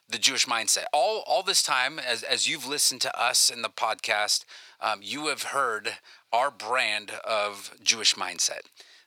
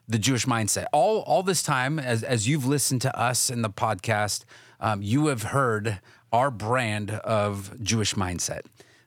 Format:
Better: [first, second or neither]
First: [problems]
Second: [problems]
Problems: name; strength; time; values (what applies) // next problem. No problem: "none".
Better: second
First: thin; very; fading below 600 Hz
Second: none